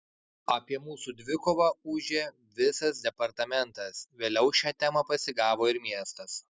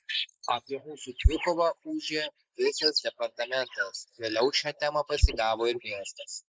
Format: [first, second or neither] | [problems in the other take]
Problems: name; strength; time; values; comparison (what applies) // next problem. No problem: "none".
first | noise reduction (neural mask model Resemble Enhance denoiser)